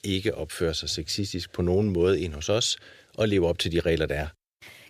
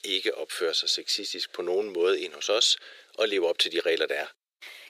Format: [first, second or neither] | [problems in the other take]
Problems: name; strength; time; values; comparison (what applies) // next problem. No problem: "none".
first | thin; very; fading below 400 Hz